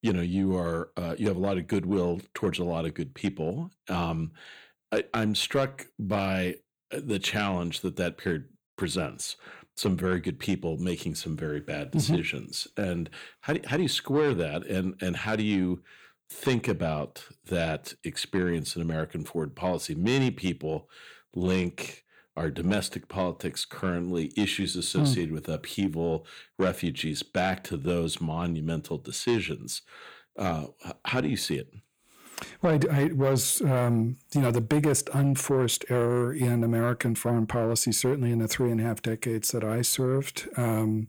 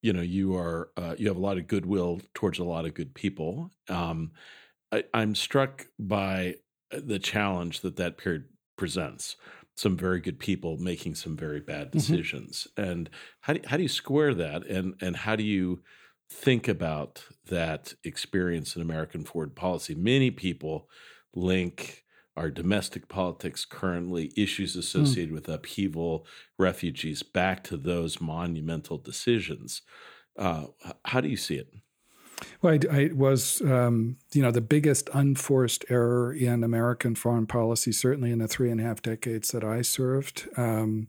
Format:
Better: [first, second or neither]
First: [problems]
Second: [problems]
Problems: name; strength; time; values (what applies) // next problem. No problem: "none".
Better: second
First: distortion; slight; 10 dB below the speech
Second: none